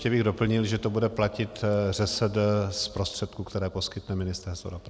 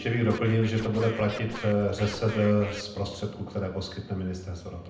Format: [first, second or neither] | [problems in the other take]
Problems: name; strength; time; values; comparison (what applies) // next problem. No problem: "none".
first | background sound (Scratching (performance technique)); 14 dB below the speech // room echo; dies away in 0.7 s